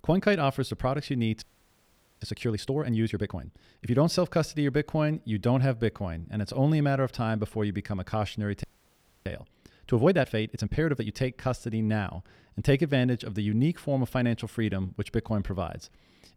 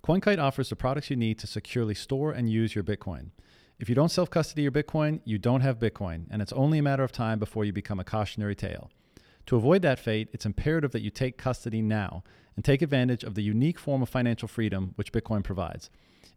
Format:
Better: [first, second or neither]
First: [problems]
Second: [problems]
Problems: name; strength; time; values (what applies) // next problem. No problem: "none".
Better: second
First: audio freezing; at 1.5 s for 1 s and at 8.5 s for 0.5 s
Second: none